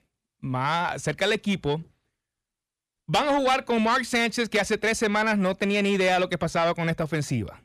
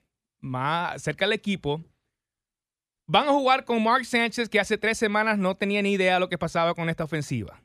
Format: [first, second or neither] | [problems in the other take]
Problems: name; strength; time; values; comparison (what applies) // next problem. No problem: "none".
second | distortion; slight; 10 dB below the speech